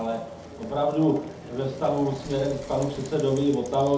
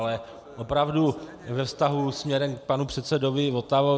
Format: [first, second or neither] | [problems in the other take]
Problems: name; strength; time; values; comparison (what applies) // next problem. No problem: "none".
second | background sound (Bicycle); 17 dB below the speech // room echo; dies away in 0.6 s